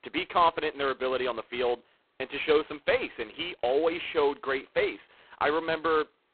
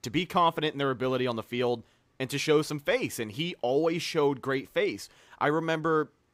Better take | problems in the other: second | phone-call audio; poor line; nothing above 4 kHz

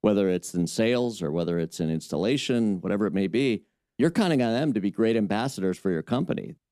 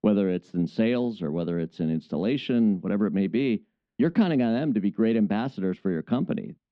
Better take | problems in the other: first | muffled; slightly; fading above 3.5 kHz

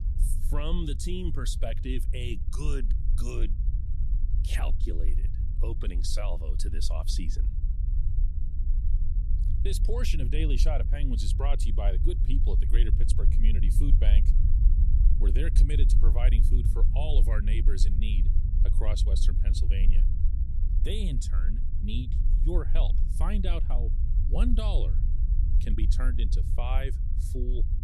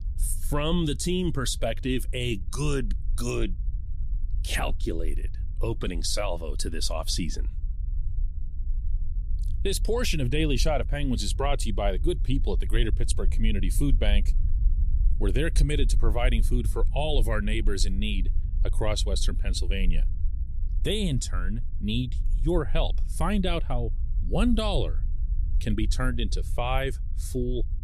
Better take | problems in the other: second | low rumble; loud; throughout; 8 dB below the speech; faint in the second

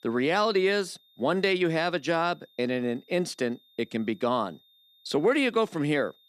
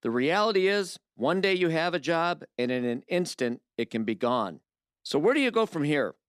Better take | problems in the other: second | high-pitched whine; faint; throughout; 3.5 kHz, 30 dB below the speech

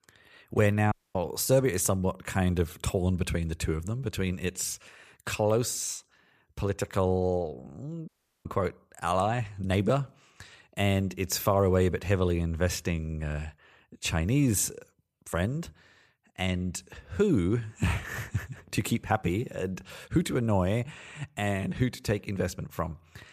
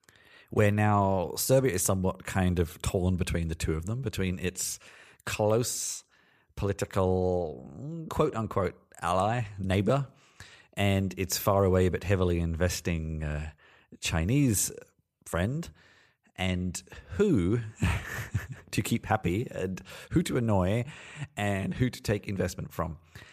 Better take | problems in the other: second | audio cutting out; at 1 s and at 8 s

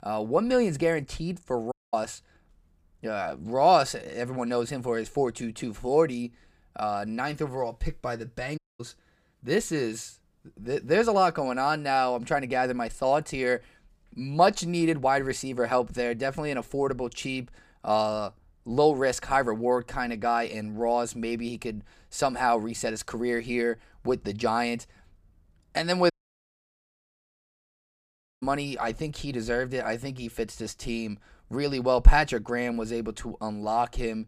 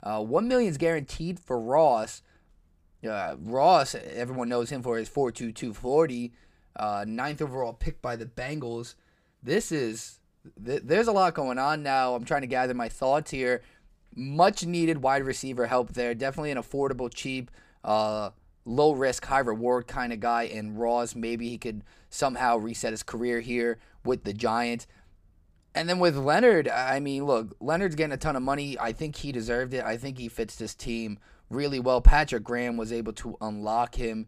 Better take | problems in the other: second | audio cutting out; at 1.5 s, at 8.5 s and at 26 s for 2.5 s

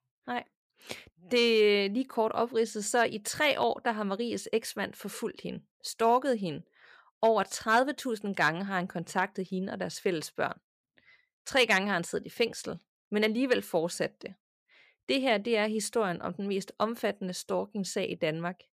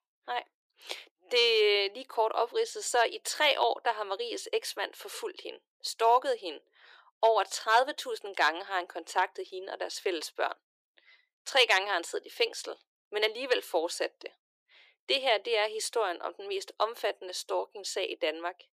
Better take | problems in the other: first | thin; very; fading below 350 Hz

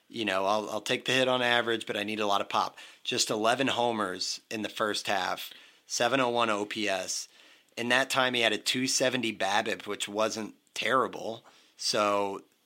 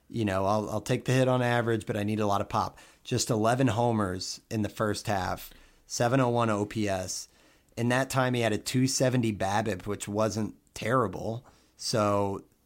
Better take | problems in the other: second | thin; somewhat; fading below 300 Hz

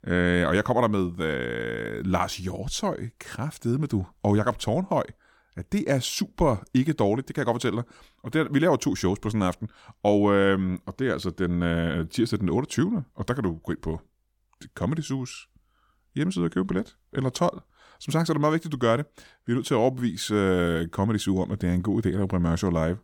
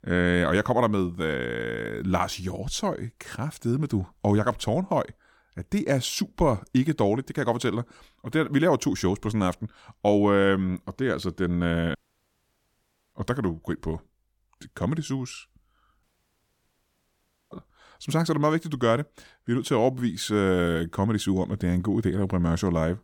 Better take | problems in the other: first | audio cutting out; at 12 s for 1 s and at 16 s for 1.5 s

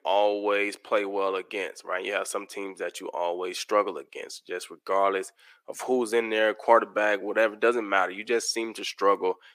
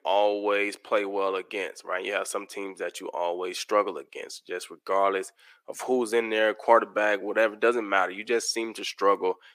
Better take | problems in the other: neither | thin; somewhat; fading below 350 Hz; the same in both

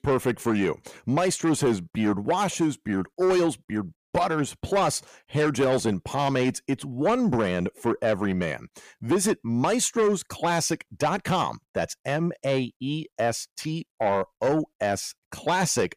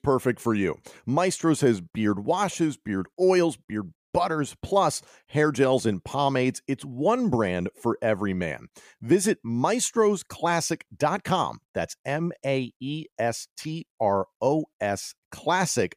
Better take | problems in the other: second | distortion; slight; 10 dB below the speech

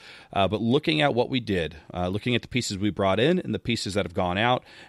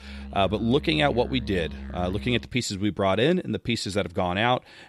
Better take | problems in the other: first | background music; noticeable; until 3 s; 15 dB below the speech

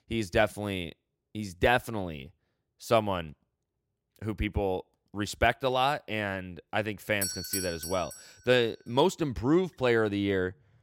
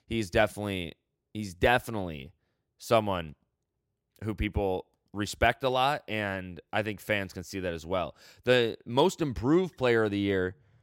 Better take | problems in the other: second | doorbell; noticeable; at 7 s; peak 1 dB below the speech

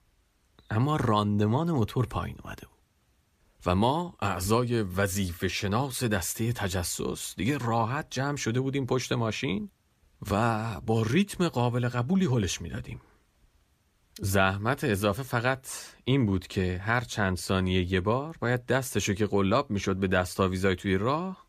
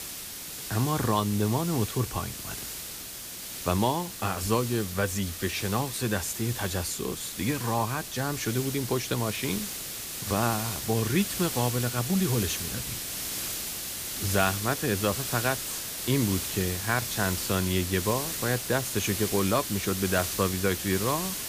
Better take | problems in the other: first | hiss; loud; throughout; 4 dB below the speech

